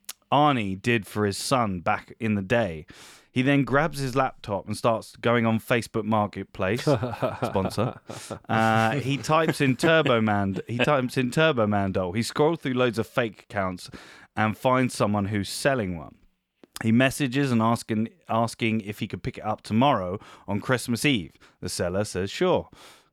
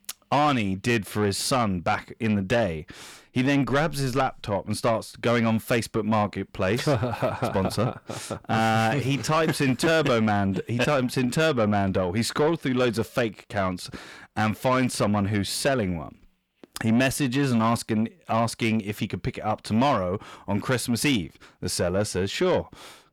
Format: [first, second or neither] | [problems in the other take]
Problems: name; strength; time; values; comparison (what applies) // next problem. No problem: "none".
first | distortion; slight; 10 dB below the speech